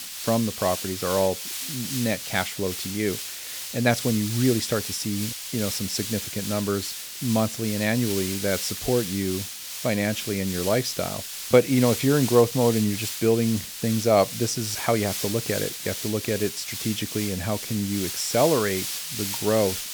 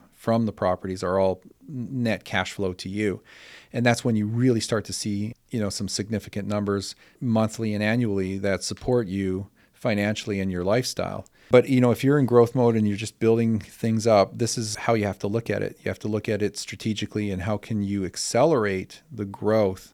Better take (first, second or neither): second